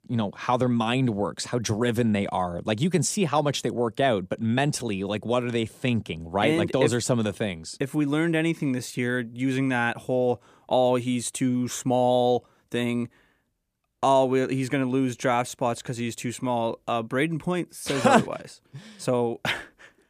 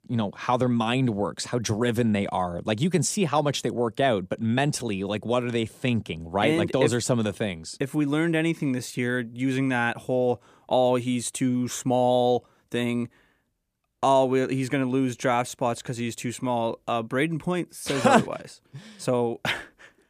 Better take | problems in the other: neither | none

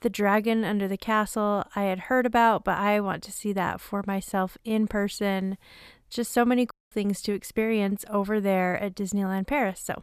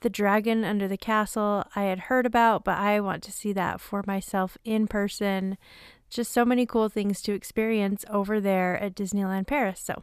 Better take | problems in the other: second | audio cutting out; at 6.5 s

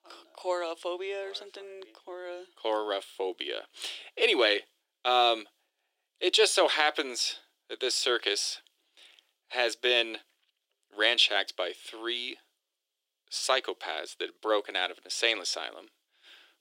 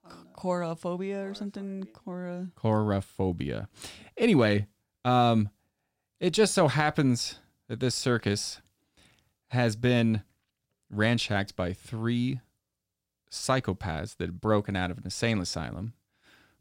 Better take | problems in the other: second | thin; very; fading below 350 Hz

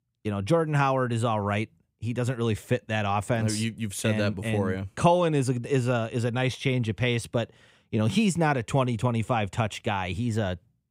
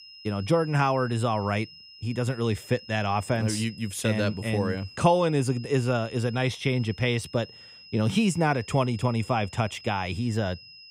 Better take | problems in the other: first | high-pitched whine; noticeable; throughout; 5 kHz, 20 dB below the speech

